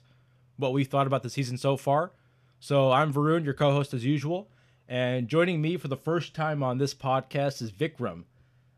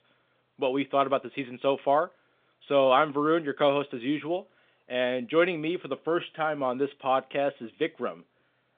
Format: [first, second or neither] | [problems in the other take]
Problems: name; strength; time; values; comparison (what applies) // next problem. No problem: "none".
first | phone-call audio; nothing above 3.5 kHz